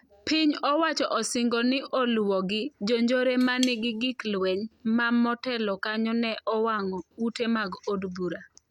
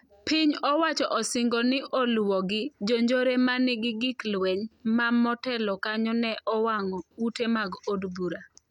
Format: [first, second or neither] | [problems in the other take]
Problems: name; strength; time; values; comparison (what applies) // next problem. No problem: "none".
second | background sound (Cutlery, silverware / Tap); 14 dB below the speech